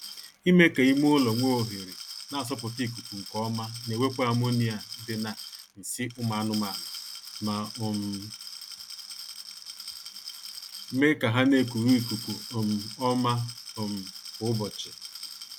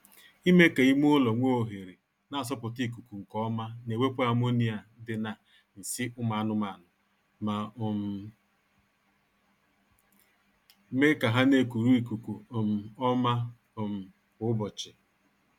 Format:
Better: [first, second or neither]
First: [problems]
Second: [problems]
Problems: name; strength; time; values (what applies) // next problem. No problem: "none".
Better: second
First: background sound (Glass); 13 dB below the speech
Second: none